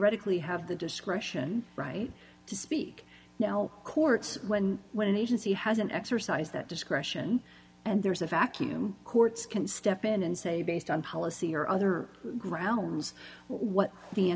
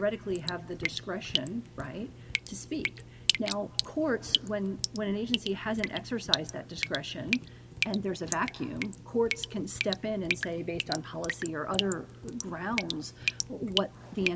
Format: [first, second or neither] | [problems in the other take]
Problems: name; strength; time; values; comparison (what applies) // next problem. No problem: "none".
first | background sound (Drip); 2 dB below the speech